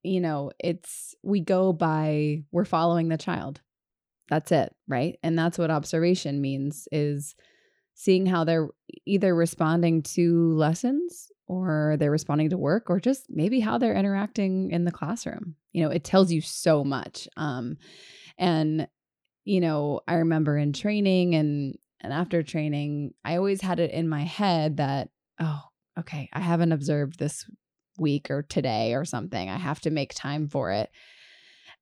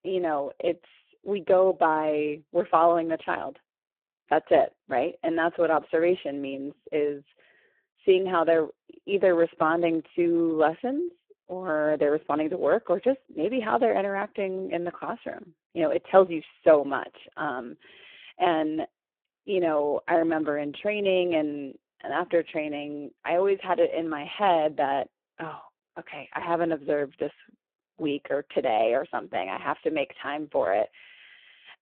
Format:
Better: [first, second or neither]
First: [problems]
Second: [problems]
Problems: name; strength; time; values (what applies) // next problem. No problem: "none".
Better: first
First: none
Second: phone-call audio; poor line